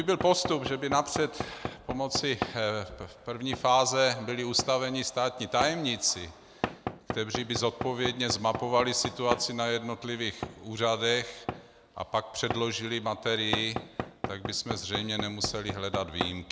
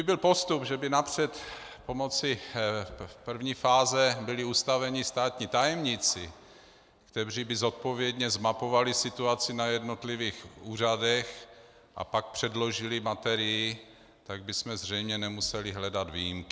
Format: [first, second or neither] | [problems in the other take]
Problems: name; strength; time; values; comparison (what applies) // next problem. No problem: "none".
second | background sound (Knock / Wood); 9 dB below the speech